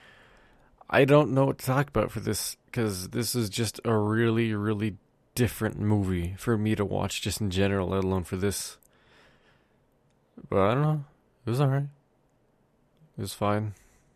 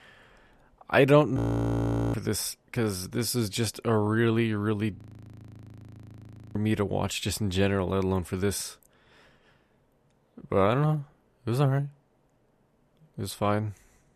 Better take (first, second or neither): first